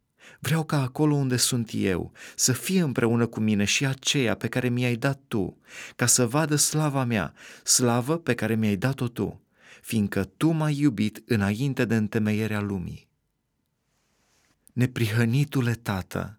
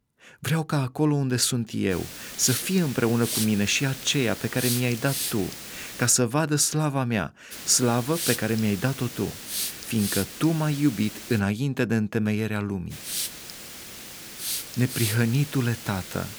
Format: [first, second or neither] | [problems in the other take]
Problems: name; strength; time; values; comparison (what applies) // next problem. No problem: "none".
first | hiss; loud; from 2 to 6 s, from 7.5 to 11 s and from 13 s on; 7 dB below the speech